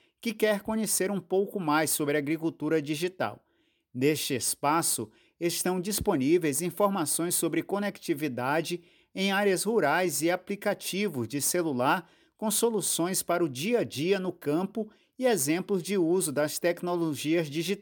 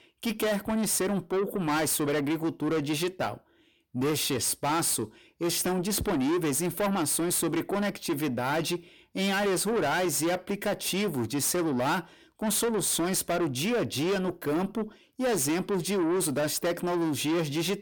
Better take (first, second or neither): first